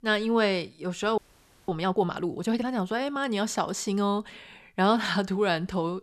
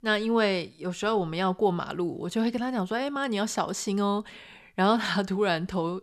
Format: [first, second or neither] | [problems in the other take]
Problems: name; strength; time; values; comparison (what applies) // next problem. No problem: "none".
second | audio freezing; at 1 s for 0.5 s